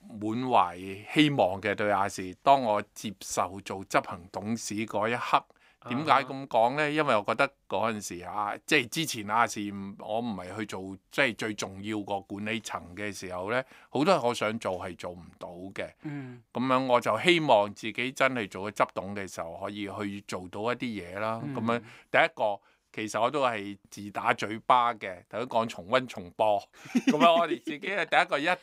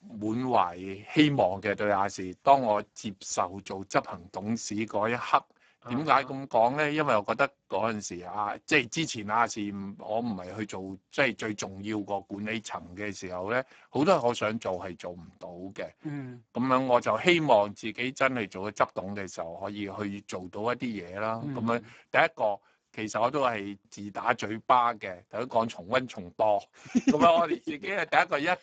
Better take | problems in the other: first | garbled, watery; badly; nothing above 7.5 kHz

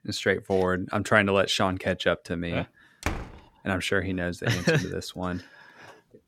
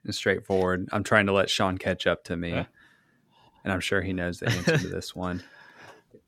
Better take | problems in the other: second | door banging; noticeable; at 3 s; peak 7 dB below the speech

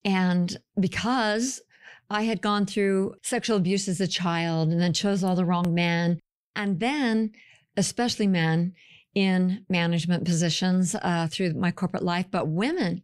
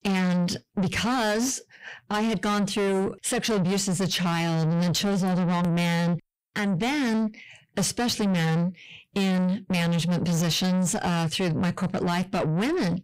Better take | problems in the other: first | distortion; slight; 10 dB below the speech

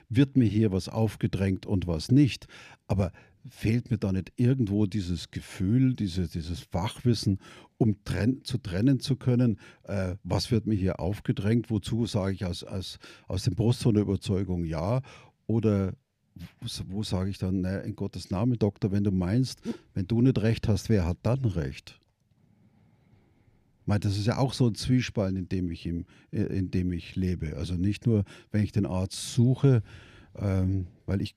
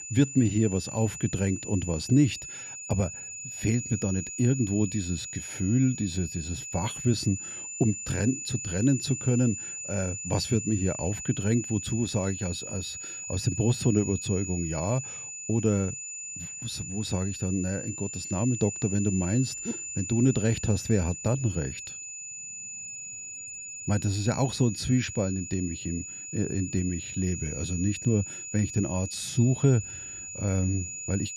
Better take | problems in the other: first | high-pitched whine; loud; throughout; 7 kHz, 7 dB below the speech

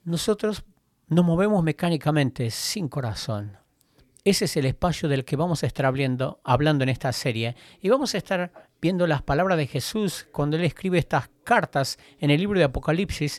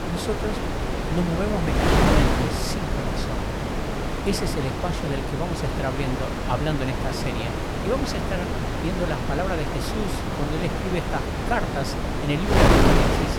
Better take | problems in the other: first | wind noise on the microphone; heavy; 4 dB above the speech

